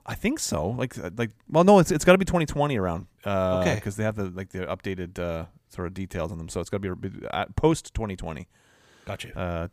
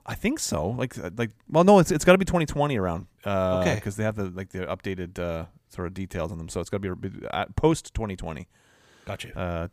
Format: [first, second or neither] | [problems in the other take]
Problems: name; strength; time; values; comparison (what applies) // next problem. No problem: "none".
neither | none